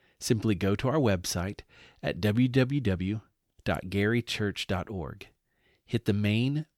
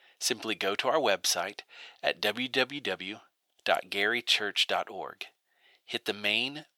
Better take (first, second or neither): first